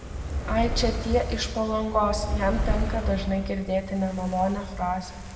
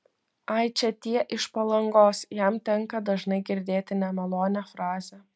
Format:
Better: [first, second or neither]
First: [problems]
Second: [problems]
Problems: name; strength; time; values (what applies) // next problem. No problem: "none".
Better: second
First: background sound (Fire); 3 dB below the speech // room echo; dies away in 1.8 s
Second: none